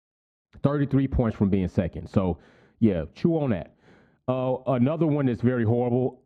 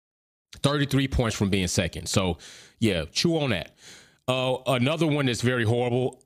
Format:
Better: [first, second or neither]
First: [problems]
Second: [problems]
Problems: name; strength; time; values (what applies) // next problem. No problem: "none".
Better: second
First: muffled; very; fading above 2.5 kHz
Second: none